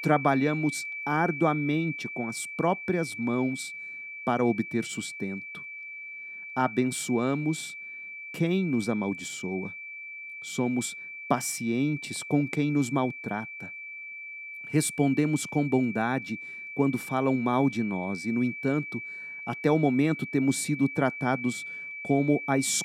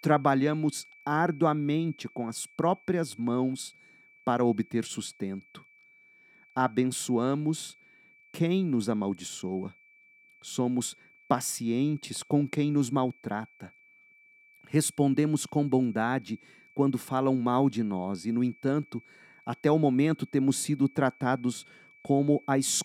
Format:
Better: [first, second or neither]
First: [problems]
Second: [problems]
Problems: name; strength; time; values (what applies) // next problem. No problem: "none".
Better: second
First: high-pitched whine; loud; throughout; 2.5 kHz, 9 dB below the speech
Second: high-pitched whine; faint; throughout; 2.5 kHz, 25 dB below the speech